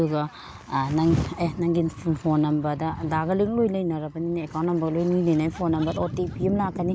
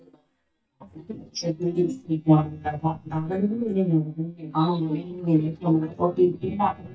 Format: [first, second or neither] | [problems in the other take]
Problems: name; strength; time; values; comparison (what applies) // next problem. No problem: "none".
first | noise reduction (neural mask model DeepFilterNet 3)